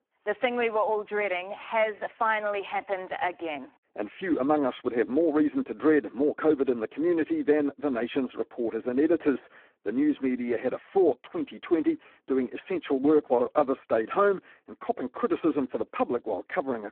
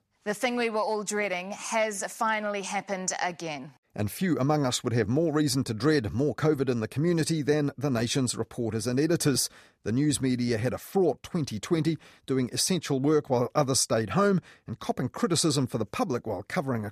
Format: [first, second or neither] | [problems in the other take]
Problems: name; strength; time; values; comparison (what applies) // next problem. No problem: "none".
second | phone-call audio; poor line